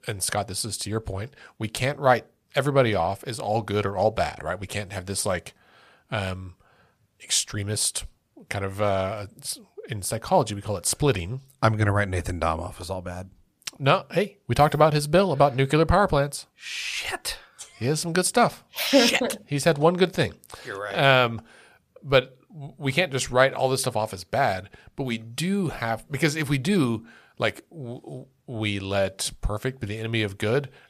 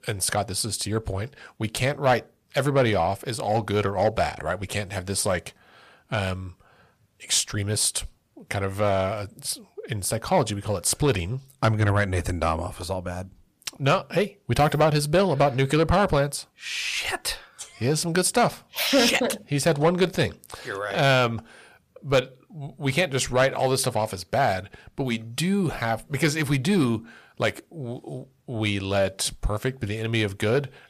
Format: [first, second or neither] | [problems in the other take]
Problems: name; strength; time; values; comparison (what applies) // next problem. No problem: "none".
first | distortion; slight; 10 dB below the speech